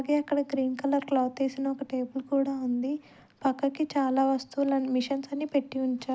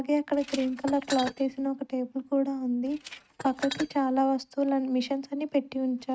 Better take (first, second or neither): first